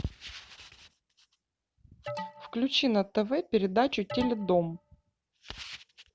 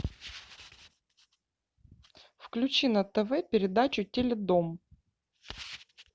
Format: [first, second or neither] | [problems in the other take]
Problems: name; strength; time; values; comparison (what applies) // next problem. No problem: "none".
second | background sound (Alarm); 11 dB below the speech